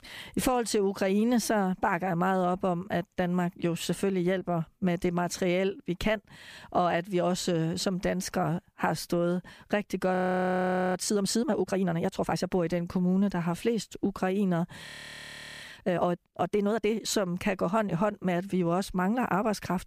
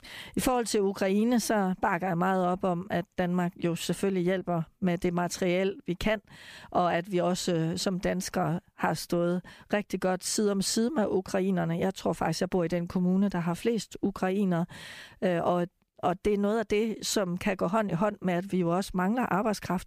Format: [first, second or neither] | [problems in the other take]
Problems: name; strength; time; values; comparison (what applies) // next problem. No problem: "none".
second | audio freezing; at 10 s for 1 s and at 15 s for 1 s